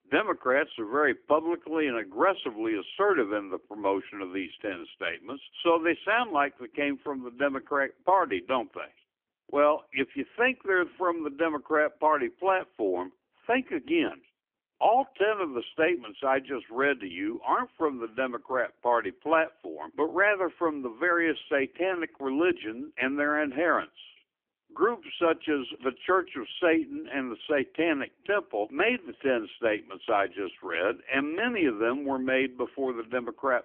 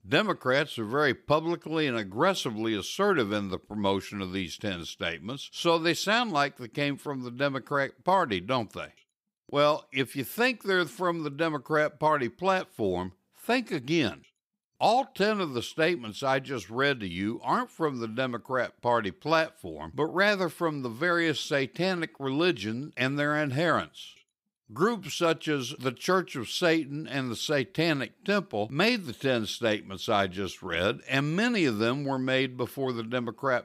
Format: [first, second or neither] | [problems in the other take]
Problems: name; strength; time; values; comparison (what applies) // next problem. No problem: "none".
second | phone-call audio; poor line; nothing above 3.5 kHz